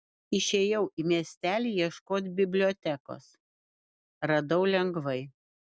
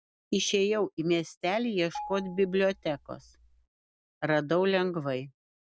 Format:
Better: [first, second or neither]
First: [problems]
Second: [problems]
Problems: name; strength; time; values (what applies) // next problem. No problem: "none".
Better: first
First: none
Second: background sound (Marimba, xylophone); 15 dB below the speech